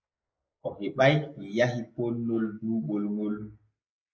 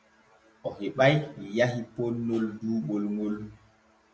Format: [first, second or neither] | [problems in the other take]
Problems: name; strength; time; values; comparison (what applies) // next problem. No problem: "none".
second | noise reduction (neural mask model Resemble Enhance denoiser)